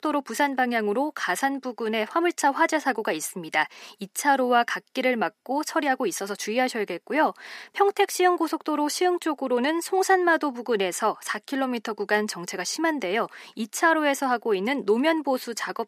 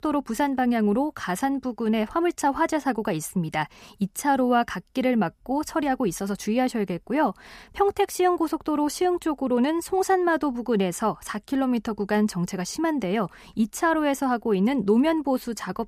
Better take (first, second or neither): second